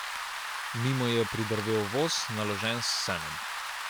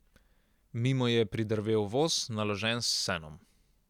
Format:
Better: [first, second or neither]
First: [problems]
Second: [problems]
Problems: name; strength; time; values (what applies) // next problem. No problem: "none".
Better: second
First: background sound (Rain); 4 dB below the speech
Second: none